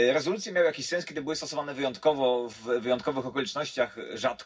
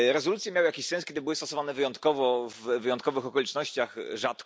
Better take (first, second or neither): second